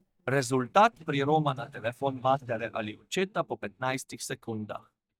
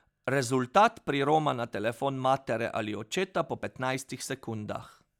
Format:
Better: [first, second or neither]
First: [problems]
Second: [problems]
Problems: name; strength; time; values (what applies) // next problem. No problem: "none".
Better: second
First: noise reduction (neural mask model DeepFilterNet 3)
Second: none